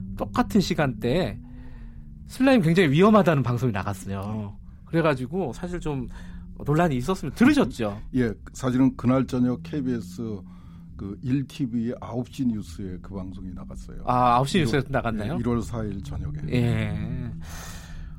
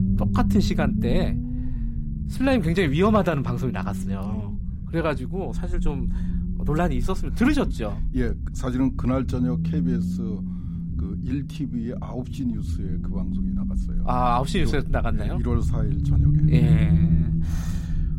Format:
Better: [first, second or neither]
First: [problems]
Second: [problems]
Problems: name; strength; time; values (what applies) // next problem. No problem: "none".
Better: first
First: low rumble; faint; throughout; 25 dB below the speech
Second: low rumble; loud; throughout; 8 dB below the speech